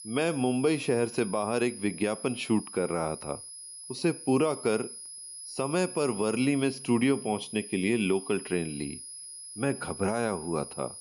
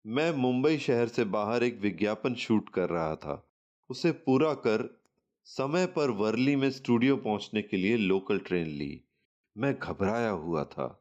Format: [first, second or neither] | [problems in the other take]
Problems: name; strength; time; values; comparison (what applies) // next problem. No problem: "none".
second | high-pitched whine; noticeable; throughout; 10.5 kHz, 10 dB below the speech